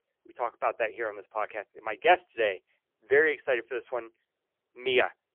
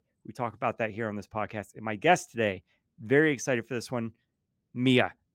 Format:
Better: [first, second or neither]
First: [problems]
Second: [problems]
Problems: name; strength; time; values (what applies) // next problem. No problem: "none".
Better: second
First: phone-call audio; poor line; nothing above 3.5 kHz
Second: none